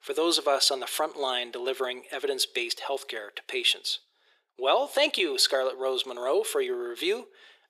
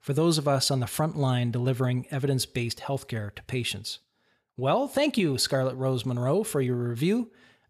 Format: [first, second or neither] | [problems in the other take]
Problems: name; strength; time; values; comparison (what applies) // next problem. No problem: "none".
second | thin; very; fading below 350 Hz